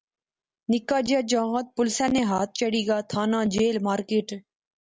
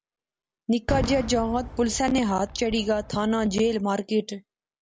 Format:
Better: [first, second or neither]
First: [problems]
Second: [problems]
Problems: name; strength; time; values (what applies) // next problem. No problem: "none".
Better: first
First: none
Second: background sound (Fireworks); 12 dB below the speech